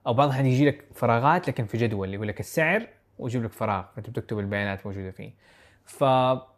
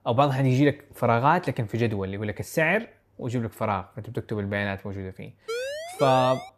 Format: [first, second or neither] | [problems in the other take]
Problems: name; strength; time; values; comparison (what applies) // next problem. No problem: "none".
first | siren; noticeable; from 5.5 s on; peak 6 dB below the speech